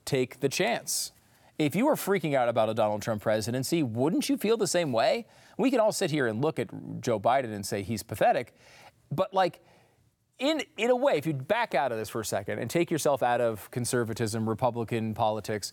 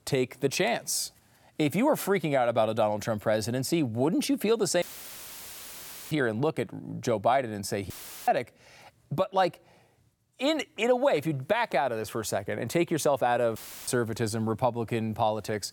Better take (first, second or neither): first